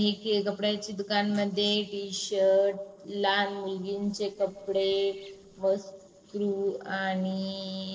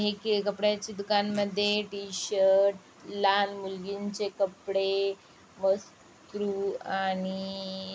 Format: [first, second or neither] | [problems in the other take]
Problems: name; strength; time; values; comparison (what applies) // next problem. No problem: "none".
second | noise reduction (neural separator model SepFormer DNS4)